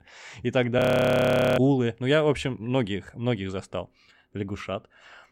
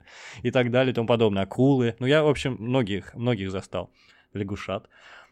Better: second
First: audio freezing; at 1 s for 1 s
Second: none

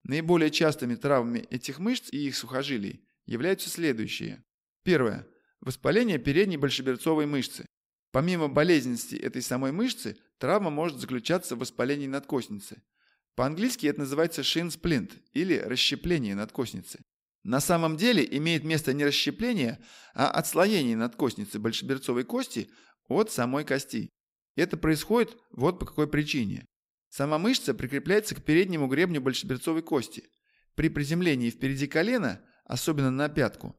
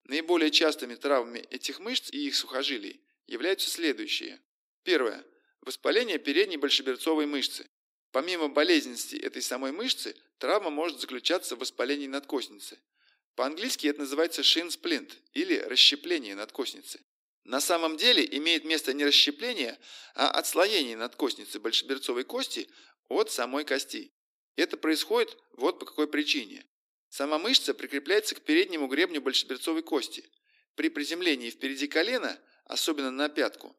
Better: first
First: none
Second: thin; very slightly; fading below 300 Hz

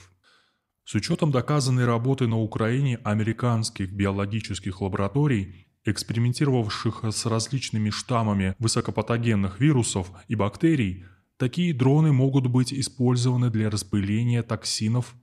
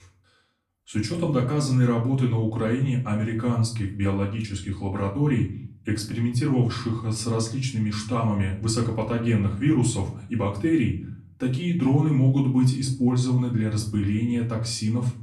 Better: first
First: none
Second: room echo; slight; dies away in 0.4 s // off-mic speech; far

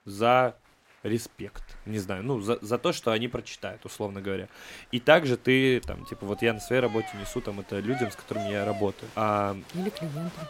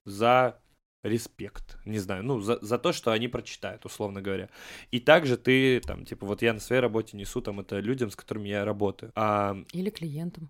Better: second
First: crowd noise; noticeable; throughout; 15 dB below the speech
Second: none

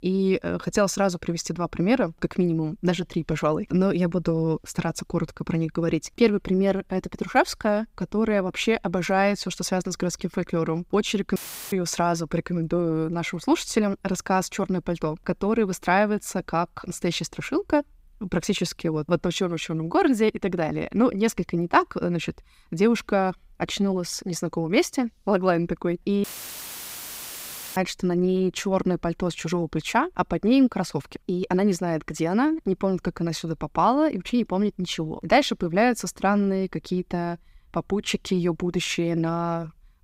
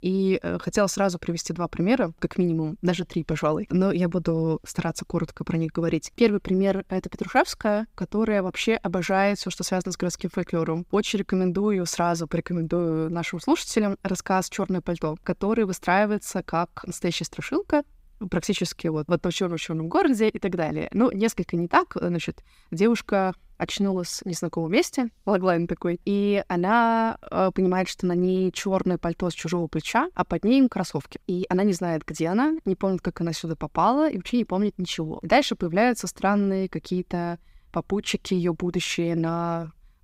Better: second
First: audio cutting out; filled with static; at 11 s and at 26 s for 1.5 s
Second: none

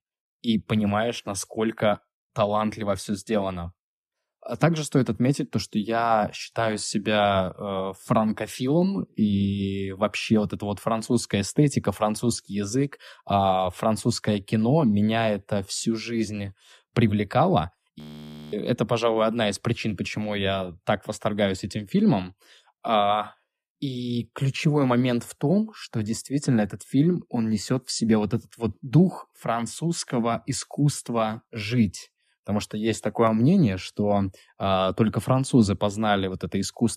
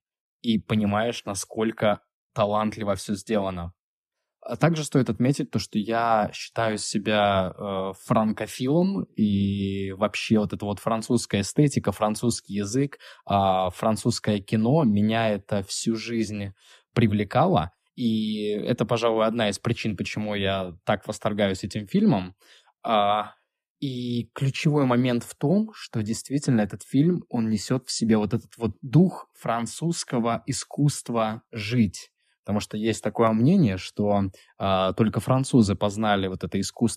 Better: second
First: audio freezing; at 18 s for 0.5 s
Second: none

